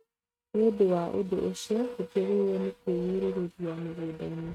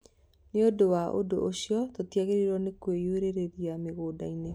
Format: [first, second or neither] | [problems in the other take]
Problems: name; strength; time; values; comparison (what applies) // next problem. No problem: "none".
second | noise reduction (neural mask model RNNoise)